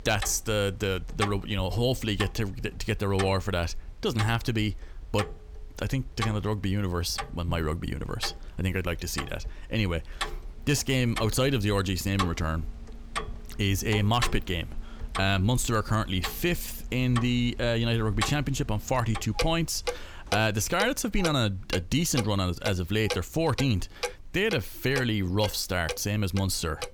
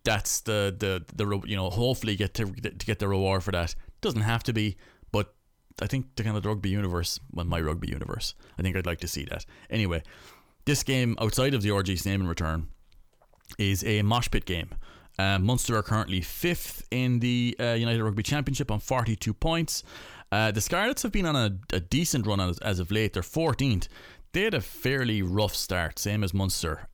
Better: second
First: household noises; loud; throughout; 10 dB below the speech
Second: none

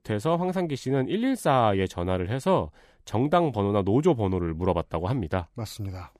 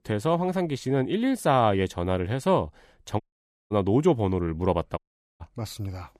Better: first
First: none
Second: audio cutting out; at 3 s for 0.5 s and at 5 s

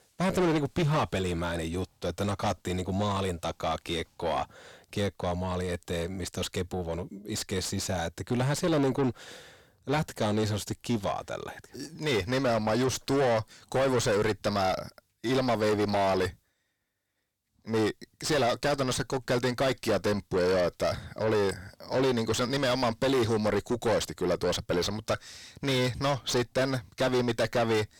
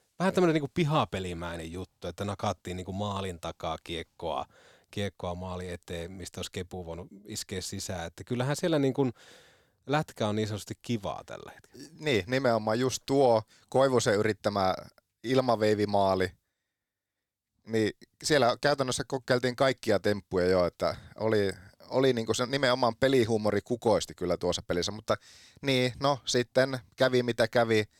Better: second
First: distortion; heavy; 5 dB below the speech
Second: none

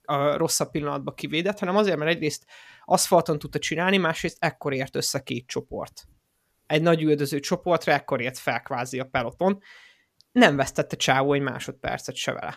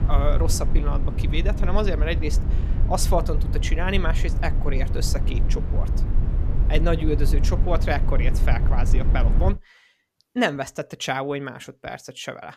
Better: first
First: none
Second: low rumble; noticeable; until 9.5 s; 10 dB below the speech

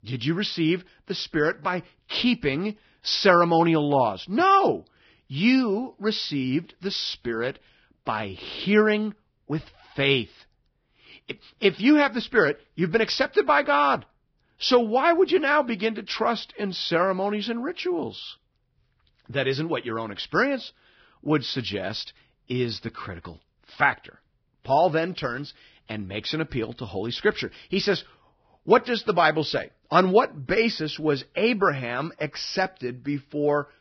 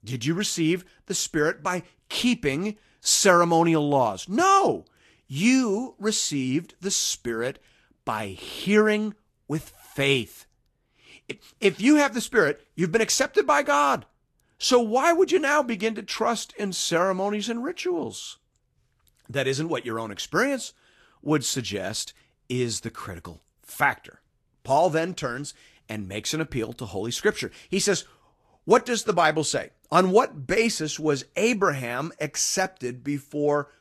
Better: second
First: garbled, watery; badly; nothing above 5.5 kHz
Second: garbled, watery; slightly; nothing above 13 kHz

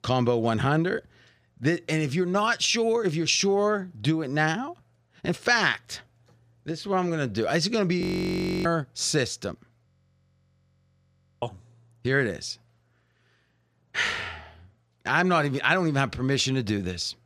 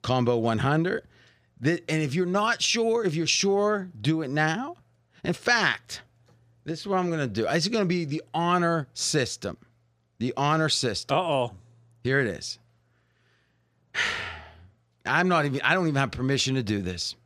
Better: second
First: audio freezing; at 8 s for 0.5 s and at 10 s for 1.5 s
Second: none

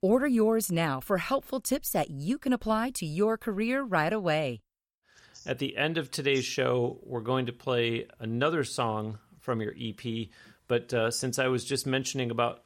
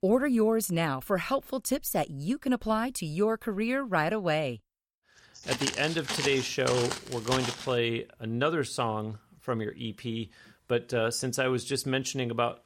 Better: first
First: none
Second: footsteps; noticeable; from 5.5 to 7.5 s; peak 2 dB below the speech

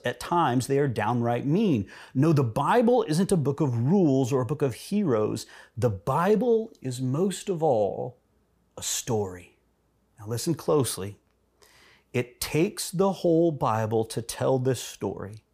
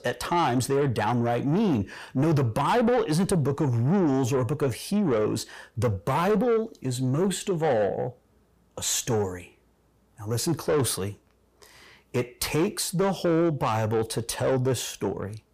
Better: first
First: none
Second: distortion; slight; 10 dB below the speech

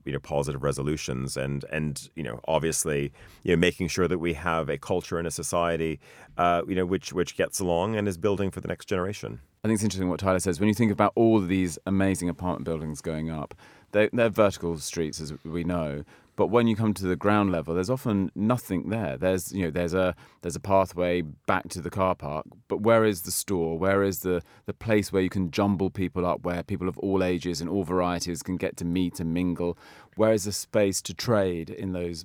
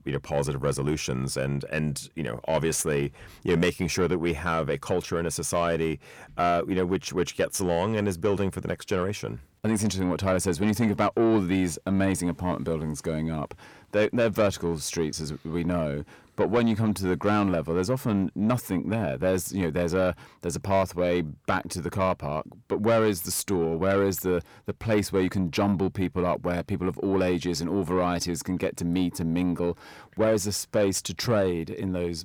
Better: first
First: none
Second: distortion; slight; 10 dB below the speech

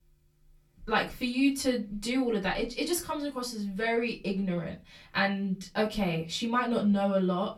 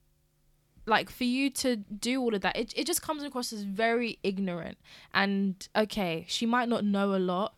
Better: second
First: off-mic speech; far // room echo; very slight; dies away in 0.2 s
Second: none

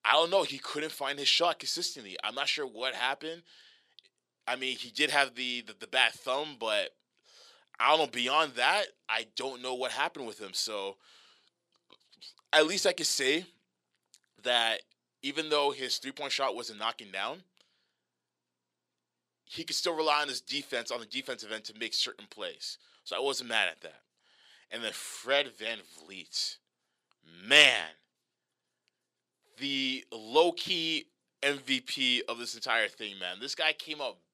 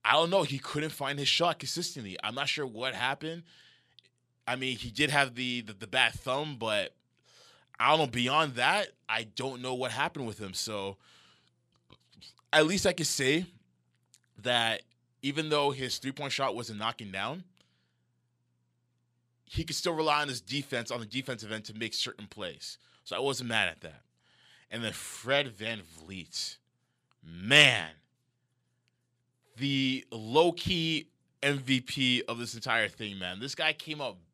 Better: second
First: thin; somewhat; fading below 400 Hz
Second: none

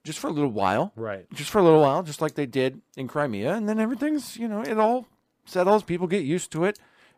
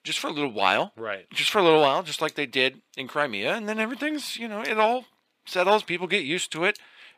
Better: first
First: none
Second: thin; very slightly; fading below 450 Hz

